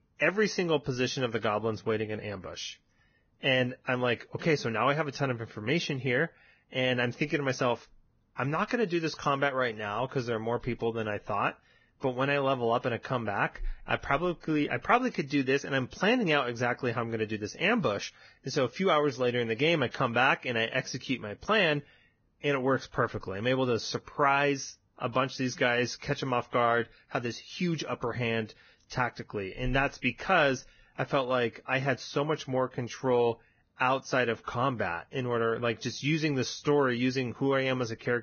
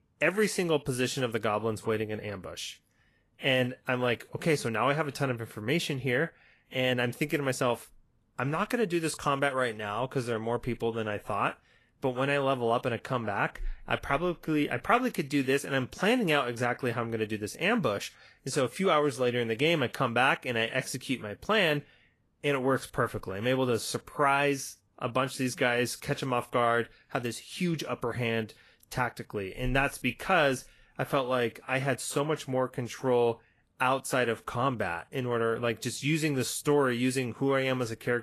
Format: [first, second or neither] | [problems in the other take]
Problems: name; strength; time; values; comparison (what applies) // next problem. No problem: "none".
second | garbled, watery; badly; nothing above 6.5 kHz; slightly in the second